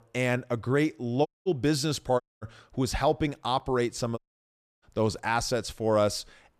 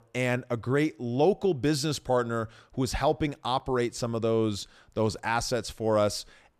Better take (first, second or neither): second